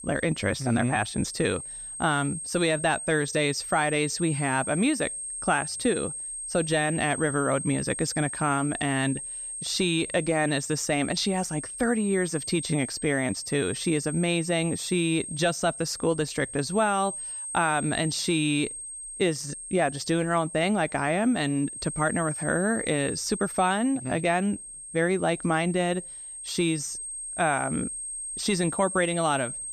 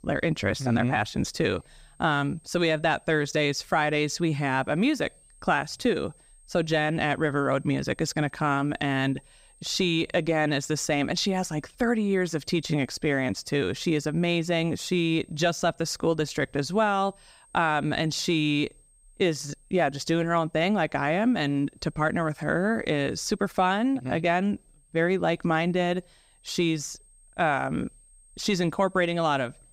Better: second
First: high-pitched whine; loud; throughout; 8.5 kHz, 7 dB below the speech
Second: high-pitched whine; faint; throughout; 8.5 kHz, 30 dB below the speech

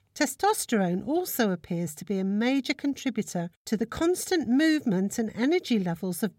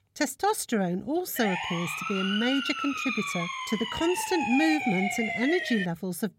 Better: first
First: none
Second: siren; loud; from 1.5 to 6 s; peak 1 dB above the speech

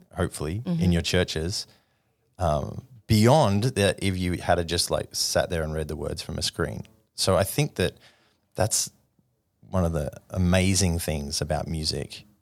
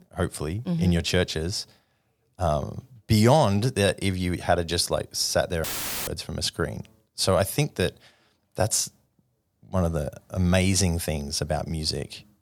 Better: first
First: none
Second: audio cutting out; filled with static; at 5.5 s

